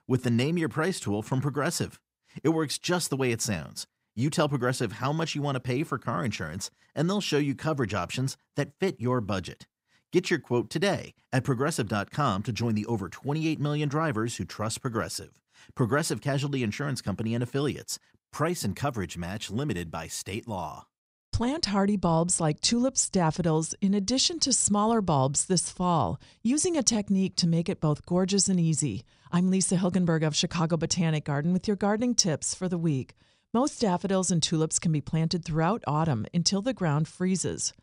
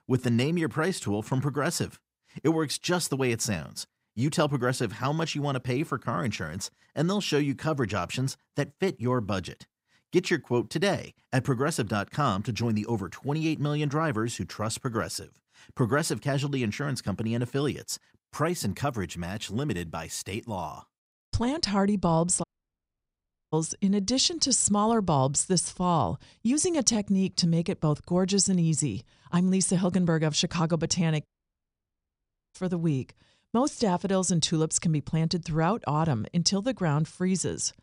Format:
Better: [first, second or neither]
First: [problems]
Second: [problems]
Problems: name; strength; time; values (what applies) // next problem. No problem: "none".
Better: first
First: none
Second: audio cutting out; at 22 s for 1 s and at 31 s for 1.5 s